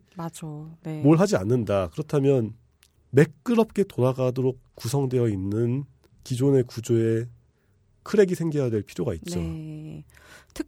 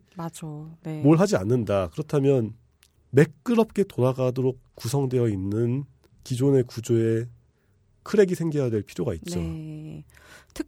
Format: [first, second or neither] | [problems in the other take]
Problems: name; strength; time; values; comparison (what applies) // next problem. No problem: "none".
neither | none